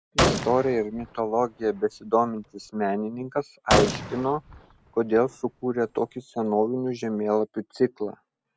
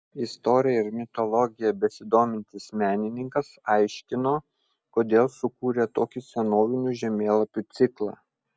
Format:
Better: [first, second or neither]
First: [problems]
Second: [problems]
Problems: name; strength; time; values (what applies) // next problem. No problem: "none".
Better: second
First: background sound (Gunshot, gunfire); 4 dB below the speech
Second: none